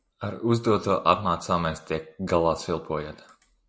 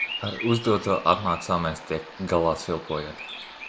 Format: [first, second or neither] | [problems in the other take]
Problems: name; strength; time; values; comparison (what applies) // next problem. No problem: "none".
first | background sound (Bird vocalization, bird call, bird song); 11 dB below the speech